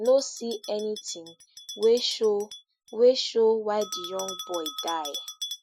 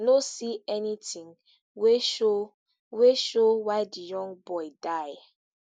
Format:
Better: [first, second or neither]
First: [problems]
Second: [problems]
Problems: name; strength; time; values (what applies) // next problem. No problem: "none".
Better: second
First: noise reduction (classical method Wiener filter)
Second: none